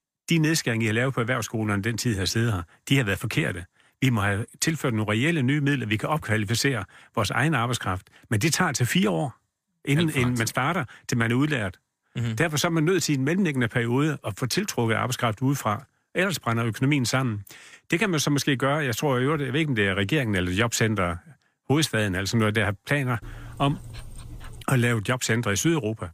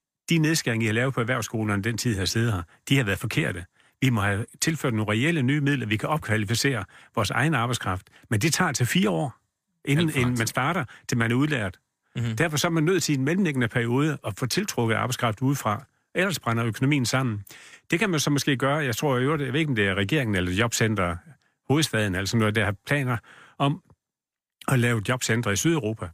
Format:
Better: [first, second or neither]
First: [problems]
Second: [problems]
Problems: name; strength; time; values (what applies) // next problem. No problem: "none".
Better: second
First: dog barking; faint; from 23 to 25 s; peak 15 dB below the speech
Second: none